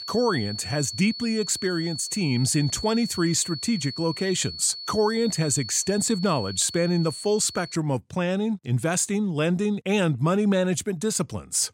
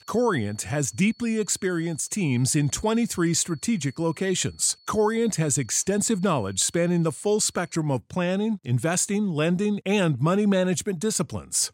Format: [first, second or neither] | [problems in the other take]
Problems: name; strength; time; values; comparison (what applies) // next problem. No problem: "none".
second | high-pitched whine; loud; until 8 s; 4.5 kHz, 9 dB below the speech; faint in the second